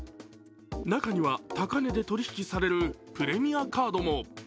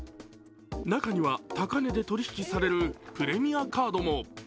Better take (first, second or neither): first